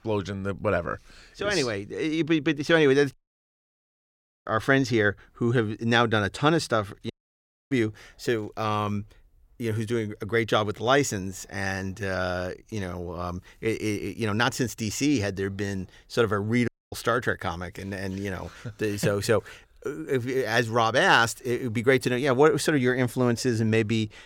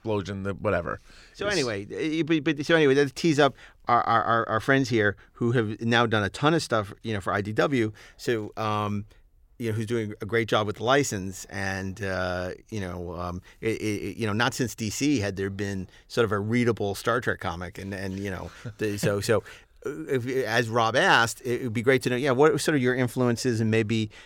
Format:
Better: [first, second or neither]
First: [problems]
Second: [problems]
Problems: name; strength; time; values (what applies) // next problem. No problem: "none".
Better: second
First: audio cutting out; at 3 s for 1.5 s, at 7 s for 0.5 s and at 17 s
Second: none